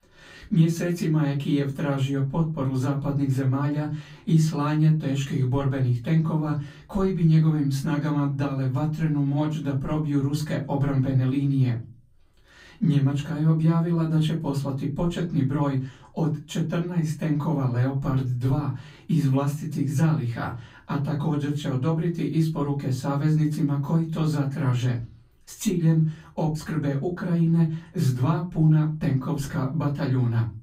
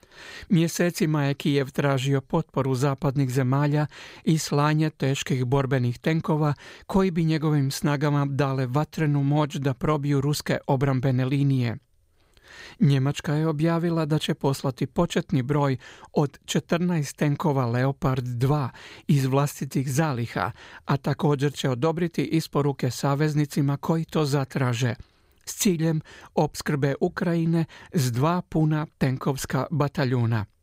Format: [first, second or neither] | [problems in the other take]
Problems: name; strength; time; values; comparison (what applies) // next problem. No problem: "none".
second | off-mic speech; far // room echo; very slight; dies away in 0.3 s